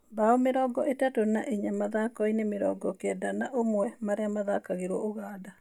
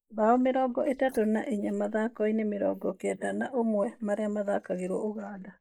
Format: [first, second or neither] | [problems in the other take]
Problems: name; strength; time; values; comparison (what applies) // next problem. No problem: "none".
first | noise reduction (neural mask model Resemble Enhance denoiser)